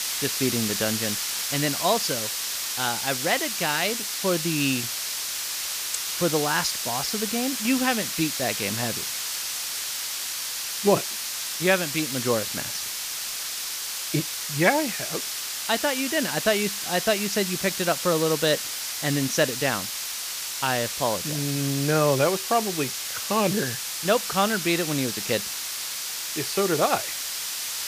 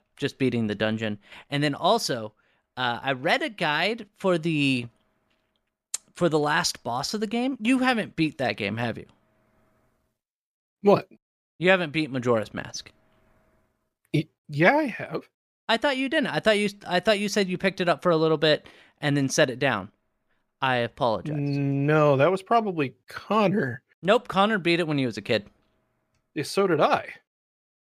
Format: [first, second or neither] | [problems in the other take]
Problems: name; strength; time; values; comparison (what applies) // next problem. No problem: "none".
second | hiss; loud; throughout; 2 dB below the speech